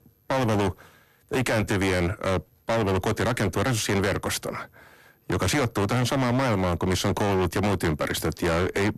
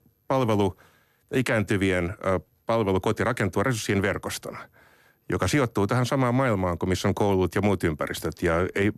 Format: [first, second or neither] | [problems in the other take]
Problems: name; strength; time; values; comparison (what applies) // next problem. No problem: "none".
second | distortion; heavy; 27% of the sound clipped